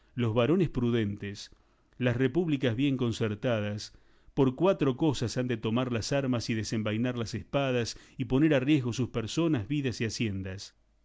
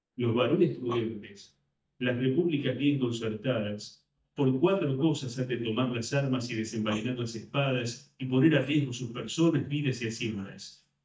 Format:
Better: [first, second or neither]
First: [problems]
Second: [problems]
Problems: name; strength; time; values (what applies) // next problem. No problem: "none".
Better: first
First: none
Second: noise reduction (neural mask model DeepFilterNet 3)